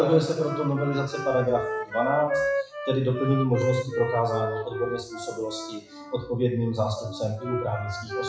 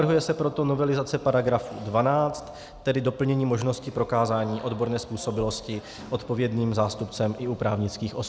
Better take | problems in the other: second | noise reduction (classical method WPE with log-MMSE)

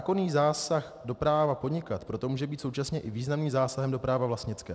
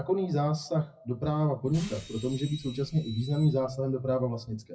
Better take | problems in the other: first | noise reduction (classical method WPE with log-MMSE)

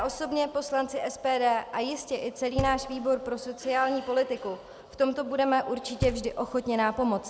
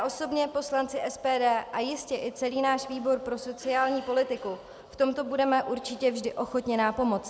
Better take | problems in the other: second | background sound (Knock); 14 dB below the speech

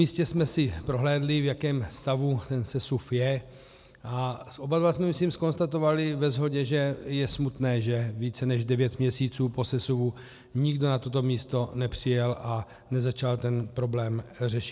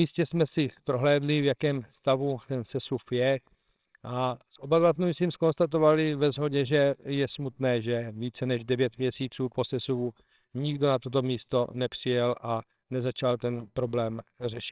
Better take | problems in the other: first | noise reduction (neural separator model SepFormer WHAMR!)

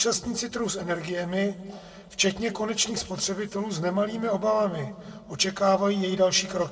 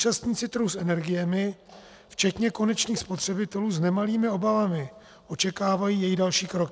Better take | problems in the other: second | room echo; dies away in 1.6 s

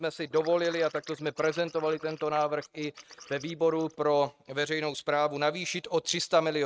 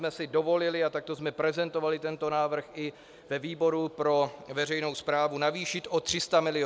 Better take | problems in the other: second | noise reduction (neural mask model RNNoise)

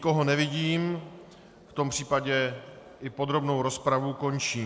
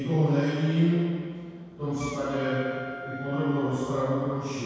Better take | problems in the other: first | background sound (Wind instrument, woodwind instrument); 15 dB below the speech // room echo; dies away in 2 s

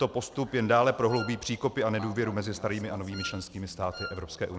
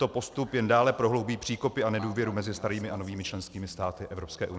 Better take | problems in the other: second | background sound (Wind instrument, woodwind instrument); 13 dB below the speech

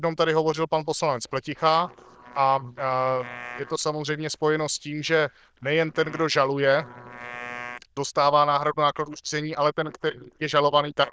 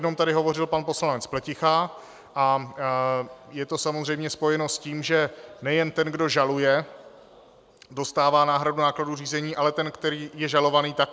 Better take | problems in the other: second | noise reduction (neural diffusion model UNIVERSE++)

